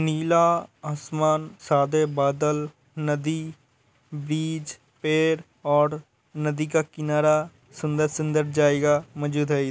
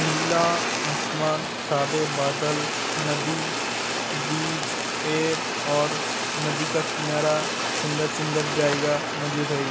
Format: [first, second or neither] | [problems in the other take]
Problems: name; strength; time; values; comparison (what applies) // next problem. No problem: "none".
first | background sound (Fire); as loud as the speech